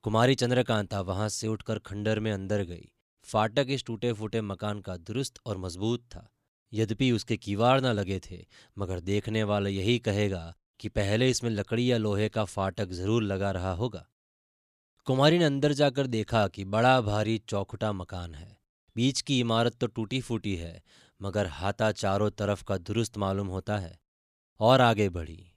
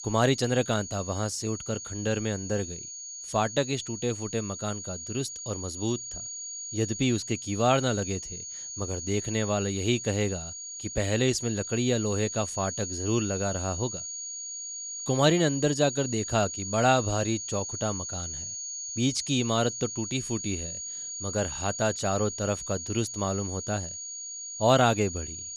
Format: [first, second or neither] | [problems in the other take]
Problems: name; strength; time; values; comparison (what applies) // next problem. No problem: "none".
first | high-pitched whine; loud; throughout; 6.5 kHz, 6 dB below the speech